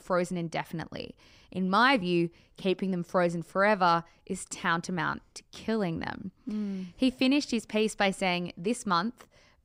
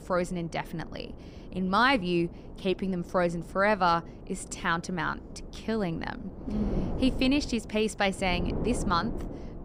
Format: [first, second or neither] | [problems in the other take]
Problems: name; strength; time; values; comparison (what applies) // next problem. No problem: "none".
first | wind noise on the microphone; occasional gusts; 15 dB below the speech